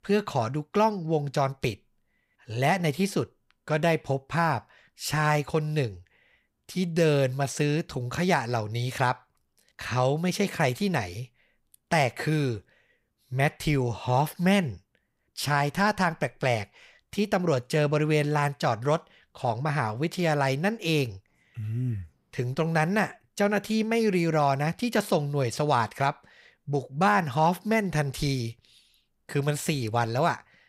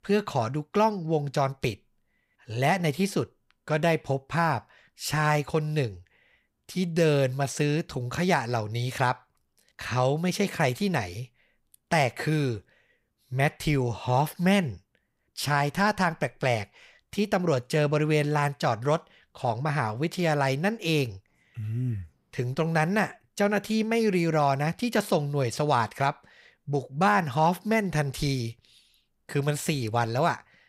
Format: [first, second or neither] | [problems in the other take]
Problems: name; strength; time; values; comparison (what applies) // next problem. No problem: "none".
neither | none